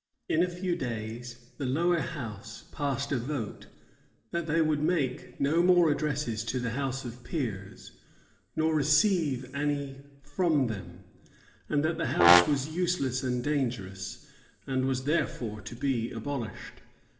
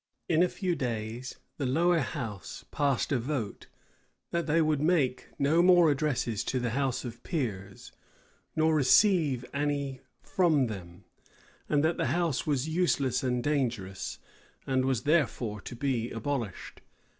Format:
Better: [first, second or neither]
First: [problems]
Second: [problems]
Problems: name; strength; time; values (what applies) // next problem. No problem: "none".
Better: second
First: background sound (Brass instrument); 4 dB above the speech // room echo; dies away in 1.1 s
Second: none